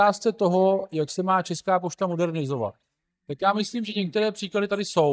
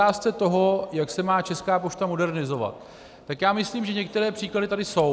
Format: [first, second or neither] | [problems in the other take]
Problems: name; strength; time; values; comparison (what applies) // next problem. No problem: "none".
second | noise reduction (neural mask model DeepFilterNet 3)